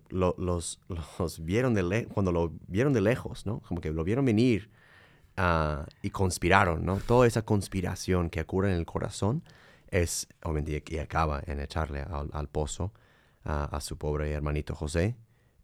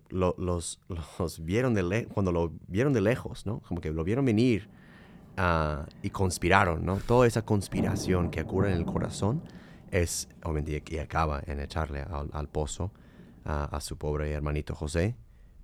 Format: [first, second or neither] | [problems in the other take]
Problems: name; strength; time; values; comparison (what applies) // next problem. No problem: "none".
first | rain or running water; loud; from 4 s on; 10 dB below the speech